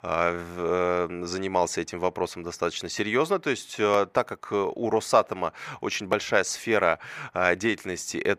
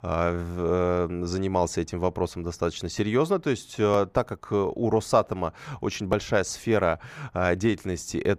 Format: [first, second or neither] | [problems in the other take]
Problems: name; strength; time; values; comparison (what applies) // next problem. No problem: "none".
second | thin; very slightly; fading below 450 Hz